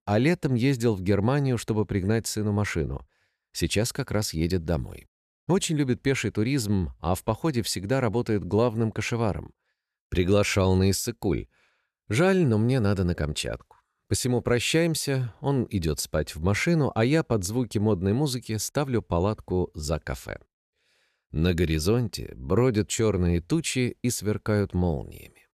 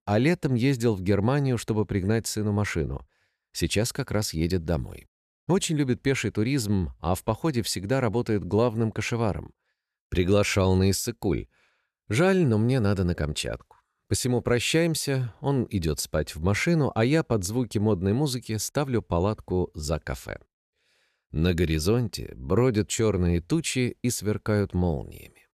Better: neither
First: none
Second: none

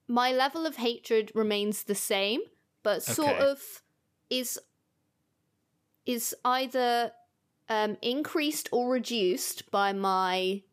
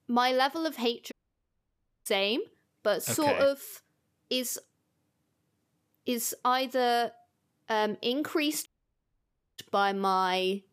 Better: first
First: none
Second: audio cutting out; at 1 s for 1 s and at 8.5 s for 1 s

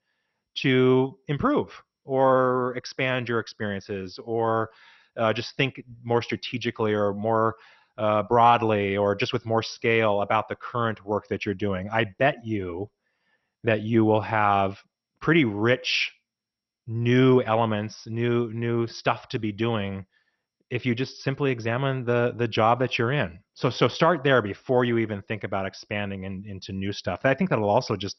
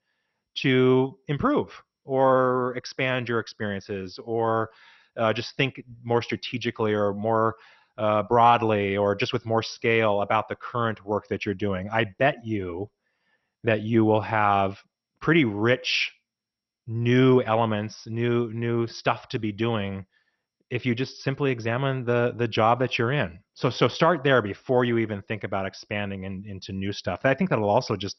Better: neither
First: garbled, watery; slightly; nothing above 6 kHz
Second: garbled, watery; slightly; nothing above 6 kHz

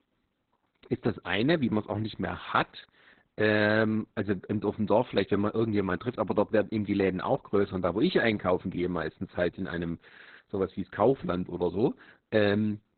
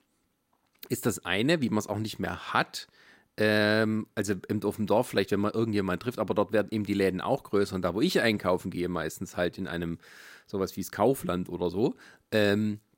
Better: second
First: garbled, watery; badly; nothing above 4 kHz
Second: none

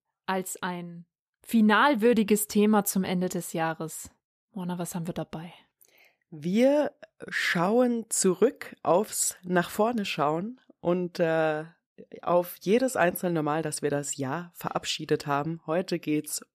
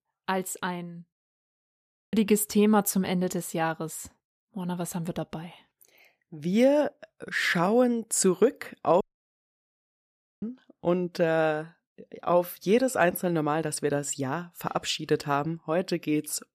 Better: first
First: none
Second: audio cutting out; at 1 s for 1 s and at 9 s for 1.5 s

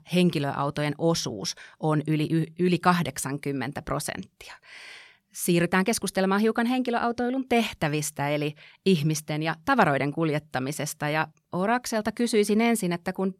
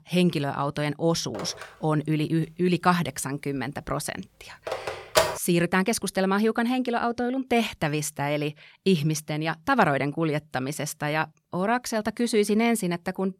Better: first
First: none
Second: phone ringing; loud; from 1.5 to 5.5 s; peak 2 dB above the speech

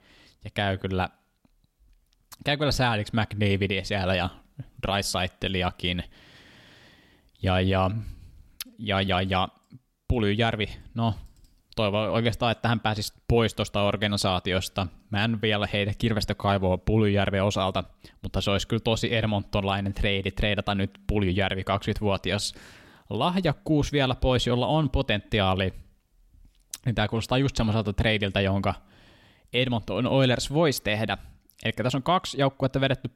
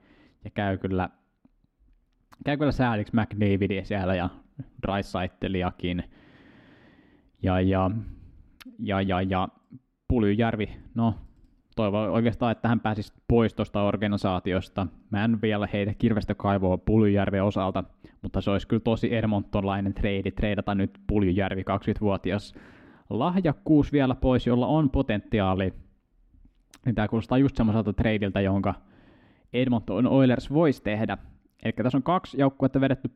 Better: first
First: none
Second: muffled; slightly; fading above 3.5 kHz

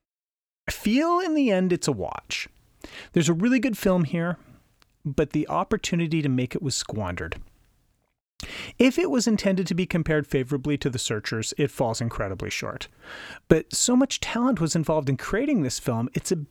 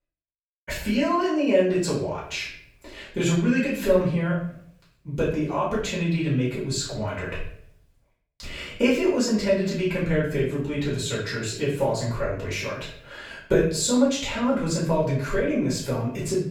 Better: first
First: none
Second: off-mic speech; far // room echo; noticeable; dies away in 0.5 s

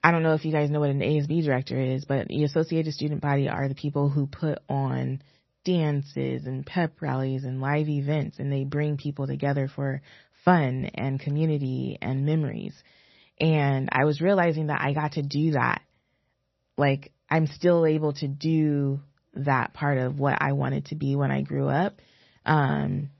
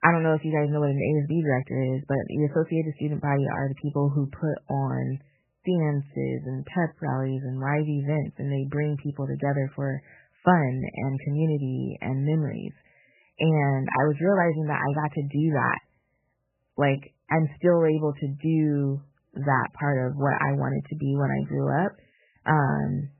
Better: first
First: garbled, watery; slightly; nothing above 6 kHz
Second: garbled, watery; badly; nothing above 3 kHz

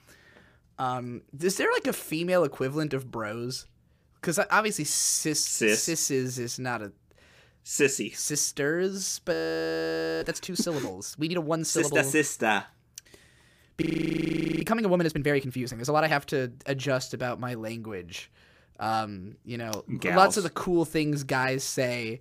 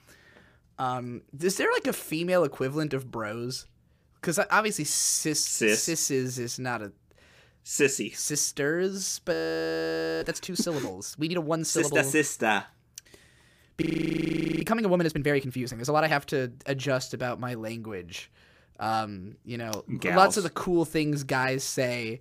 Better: neither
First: audio freezing; at 9.5 s for 1 s and at 14 s for 1 s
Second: audio freezing; at 9.5 s for 1 s and at 14 s for 1 s

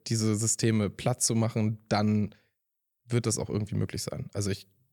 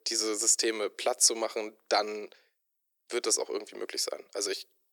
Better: first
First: none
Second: thin; very; fading below 350 Hz

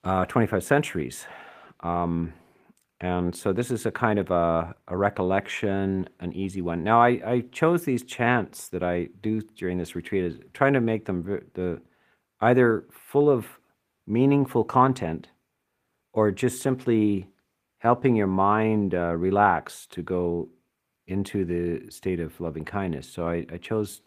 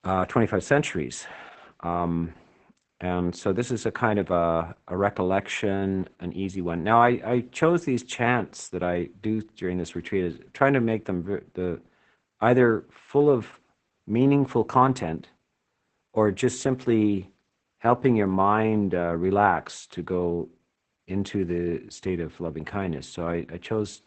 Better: first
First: garbled, watery; slightly; nothing above 15 kHz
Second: garbled, watery; badly; nothing above 8 kHz

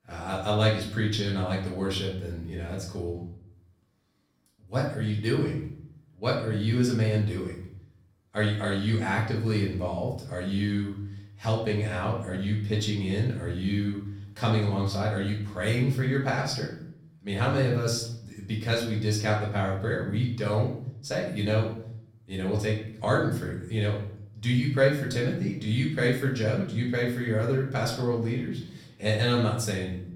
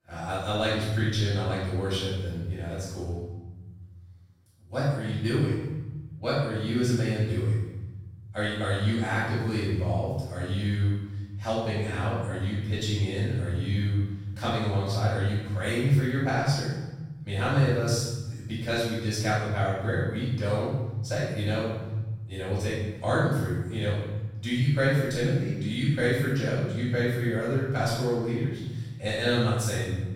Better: first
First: room echo; slight; dies away in 0.6 s // off-mic speech; far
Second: room echo; strong; dies away in 1.3 s // off-mic speech; far

